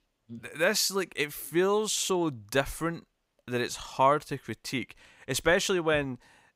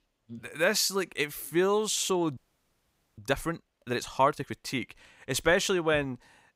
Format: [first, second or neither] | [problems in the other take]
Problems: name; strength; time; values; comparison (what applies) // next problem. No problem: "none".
first | audio freezing; at 2.5 s for 1 s